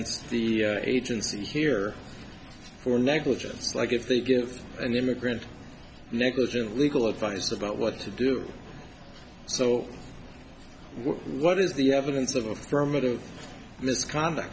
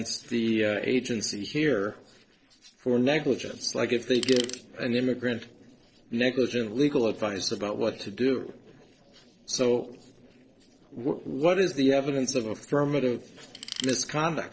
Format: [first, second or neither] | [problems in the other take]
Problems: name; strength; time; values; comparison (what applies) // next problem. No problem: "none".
first | noise reduction (neural separator model SepFormer DNS4)